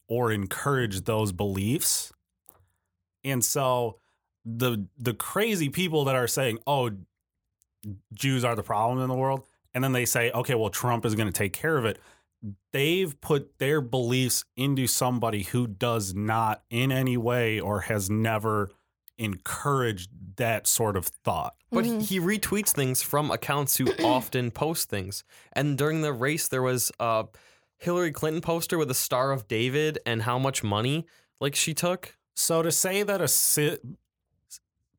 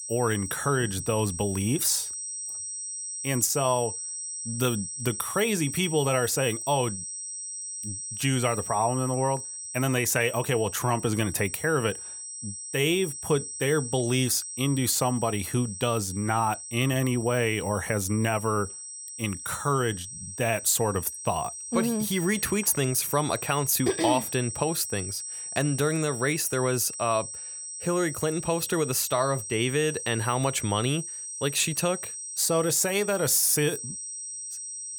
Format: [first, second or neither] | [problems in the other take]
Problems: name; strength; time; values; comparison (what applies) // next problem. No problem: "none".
first | high-pitched whine; loud; throughout; 8 kHz, 8 dB below the speech